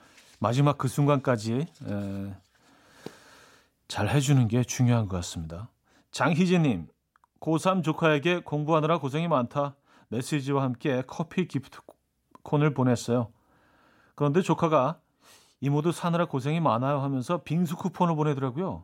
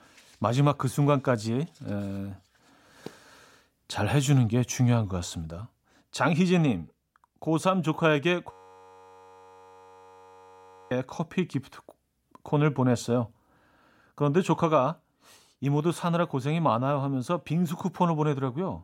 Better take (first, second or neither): first